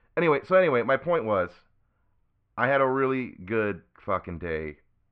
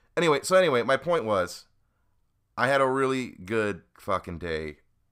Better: second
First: muffled; very; fading above 2.5 kHz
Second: none

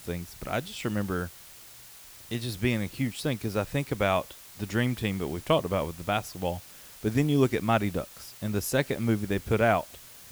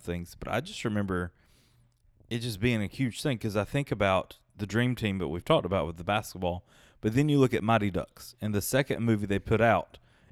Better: second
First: hiss; noticeable; throughout; 15 dB below the speech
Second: none

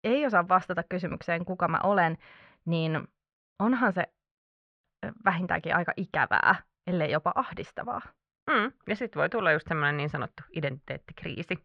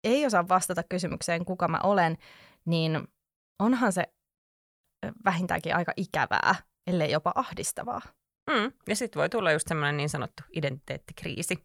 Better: second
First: muffled; very; fading above 3 kHz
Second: none

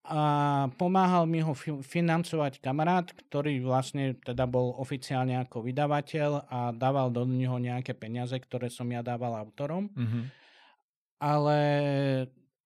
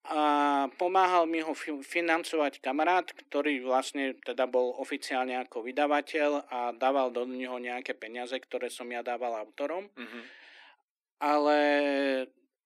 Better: first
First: none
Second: thin; somewhat; fading below 300 Hz

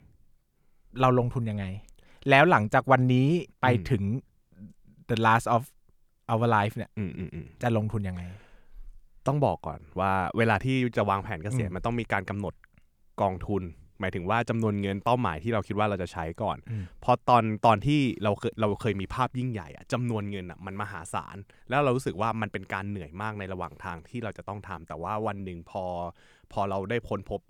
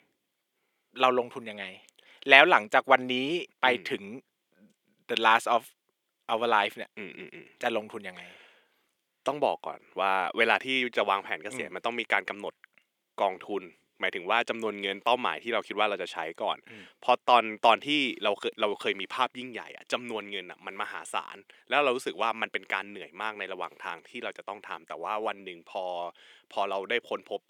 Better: first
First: none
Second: thin; somewhat; fading below 350 Hz

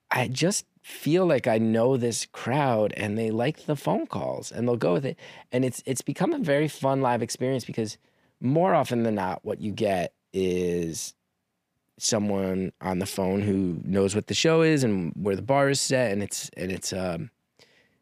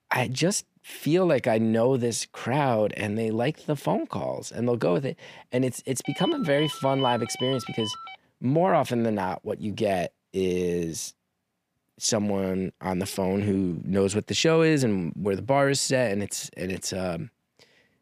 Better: first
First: none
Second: phone ringing; noticeable; from 6 to 8 s; peak 7 dB below the speech

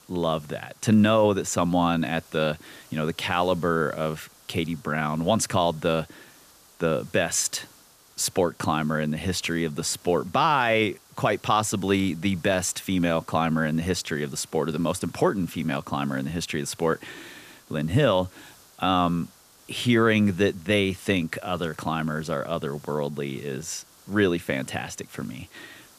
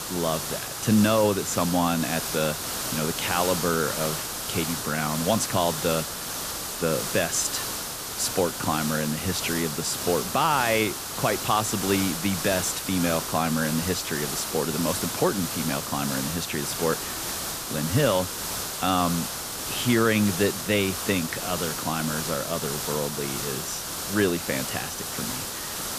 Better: first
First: hiss; faint; throughout; 25 dB below the speech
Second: hiss; loud; throughout; 3 dB below the speech

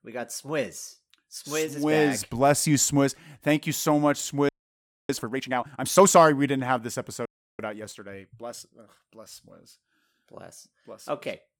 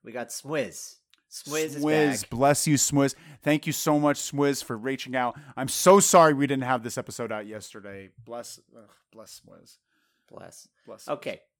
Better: second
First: audio freezing; at 4.5 s for 0.5 s and at 7.5 s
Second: none

